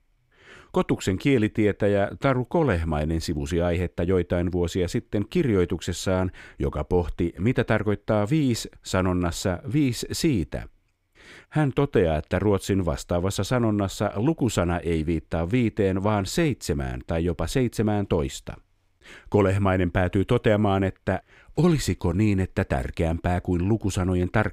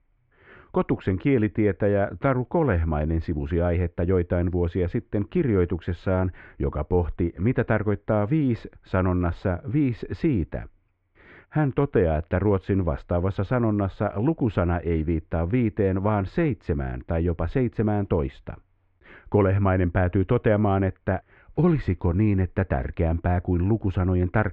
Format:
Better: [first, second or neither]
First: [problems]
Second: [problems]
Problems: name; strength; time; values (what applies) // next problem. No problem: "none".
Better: first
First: none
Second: muffled; very; fading above 2 kHz